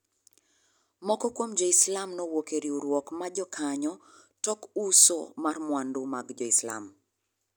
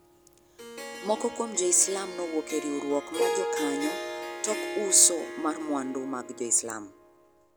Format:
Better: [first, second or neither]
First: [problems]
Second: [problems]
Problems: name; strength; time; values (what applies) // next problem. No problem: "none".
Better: first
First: none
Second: background sound (Harp); 6 dB below the speech